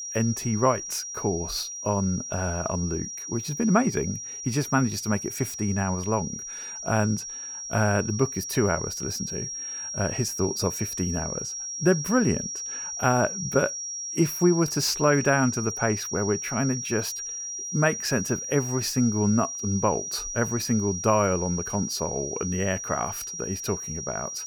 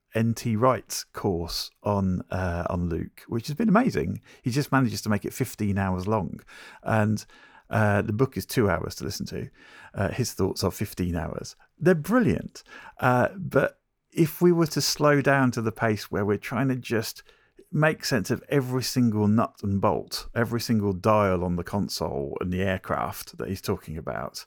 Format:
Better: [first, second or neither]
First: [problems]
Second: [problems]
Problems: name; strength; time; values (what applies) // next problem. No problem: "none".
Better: second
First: high-pitched whine; loud; throughout; 5.5 kHz, 5 dB below the speech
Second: none